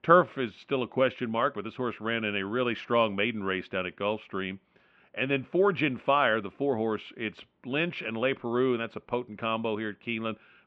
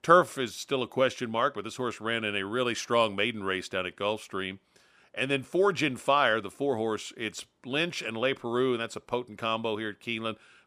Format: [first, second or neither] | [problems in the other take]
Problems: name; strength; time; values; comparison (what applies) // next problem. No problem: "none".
second | muffled; very; fading above 3 kHz